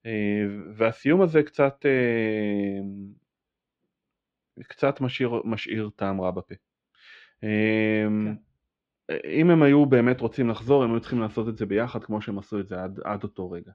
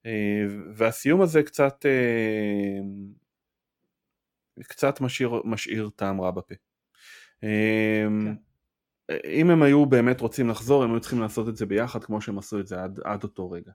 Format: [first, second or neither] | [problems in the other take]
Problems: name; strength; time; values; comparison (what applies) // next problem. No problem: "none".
second | muffled; slightly; fading above 4 kHz